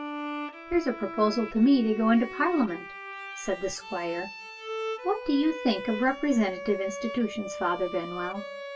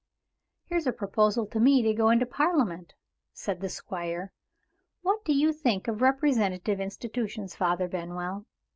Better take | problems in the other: second | background sound (Bowed string instrument); 10 dB below the speech // room echo; dies away in 0.1 s

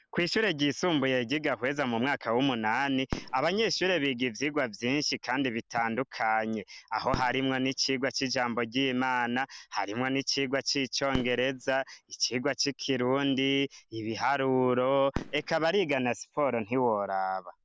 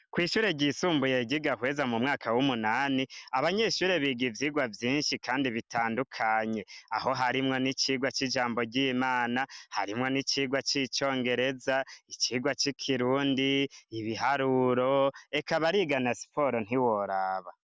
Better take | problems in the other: second | background sound (Fireworks); 18 dB below the speech

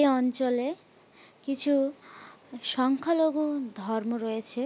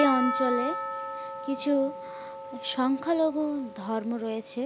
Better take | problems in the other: first | background sound (Percussion); 6 dB below the speech

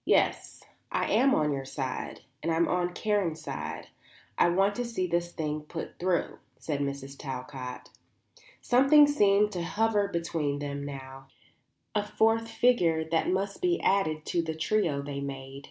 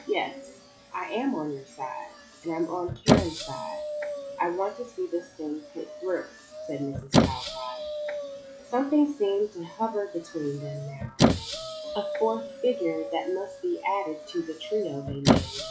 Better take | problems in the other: first | noise reduction (classical method log-MMSE)

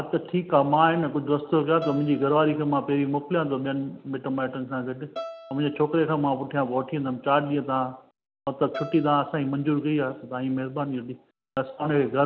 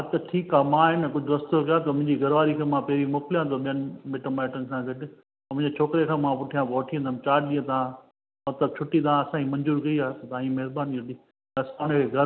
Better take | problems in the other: second | background sound (Bowed string instrument); 19 dB below the speech

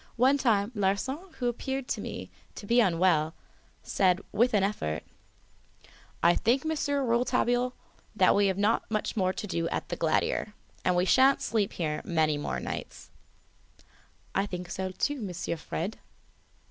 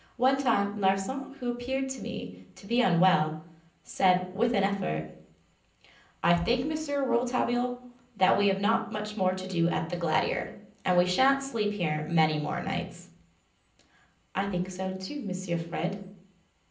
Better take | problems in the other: first | room echo; dies away in 0.6 s

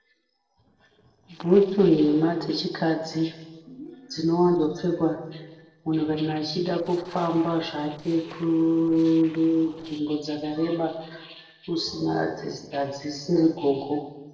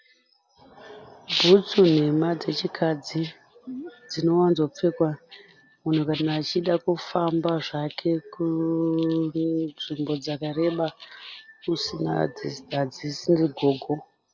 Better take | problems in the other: second | noise reduction (neural separator model SepFormer DNS4)

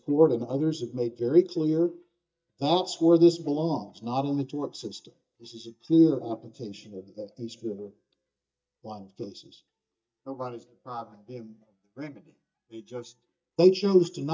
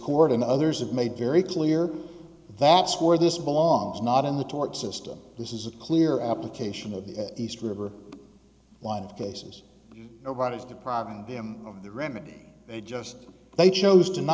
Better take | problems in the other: second | noise reduction (neural mask model DeepFilterNet 3)

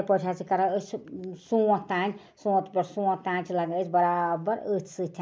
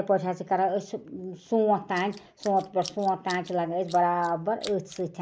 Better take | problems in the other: first | noise reduction (neural mask model Resemble Enhance denoiser)

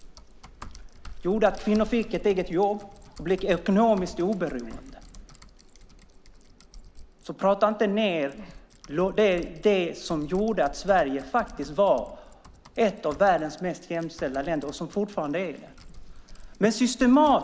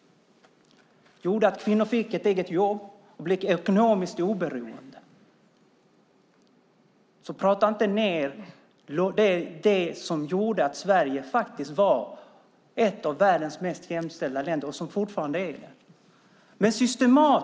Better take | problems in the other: second | background sound (Typing); 18 dB below the speech

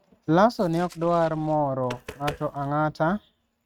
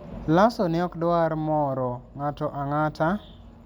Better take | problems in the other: second | noise reduction (neural mask model RNNoise)

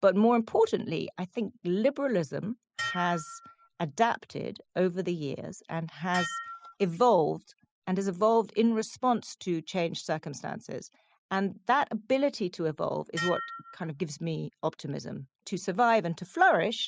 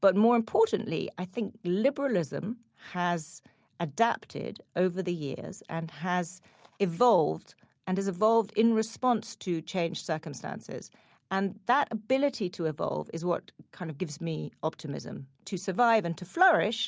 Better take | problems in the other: second | noise reduction (classical method spectral subtraction)

